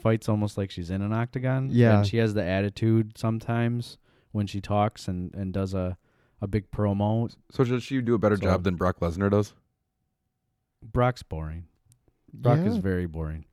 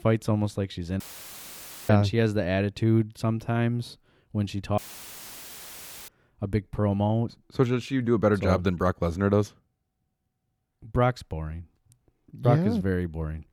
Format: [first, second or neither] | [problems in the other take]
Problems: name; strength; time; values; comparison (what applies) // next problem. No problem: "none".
first | audio cutting out; filled with static; at 1 s for 1 s and at 5 s for 1.5 s